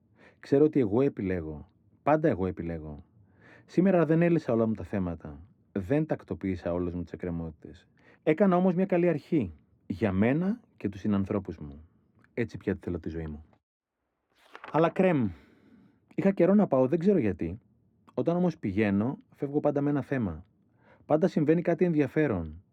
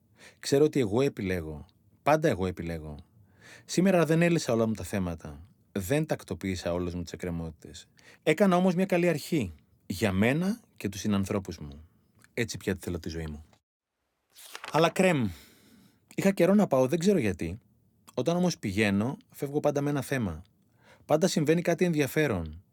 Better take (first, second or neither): second